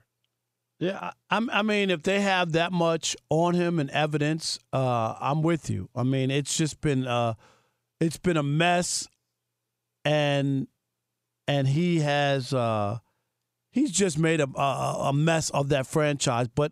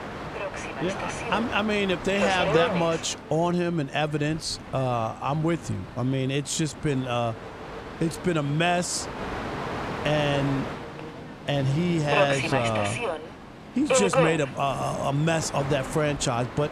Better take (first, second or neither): first